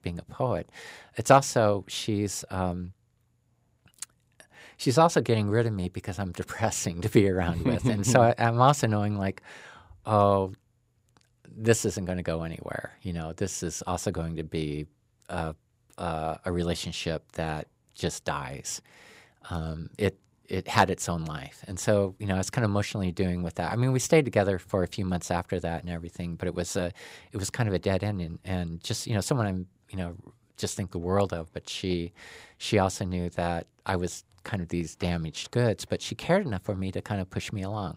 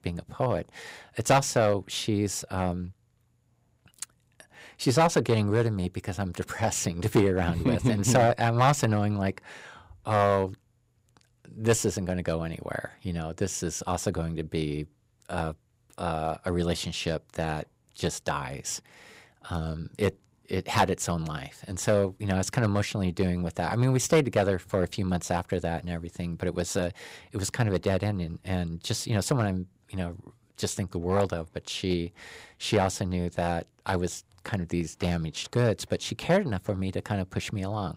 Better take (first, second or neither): first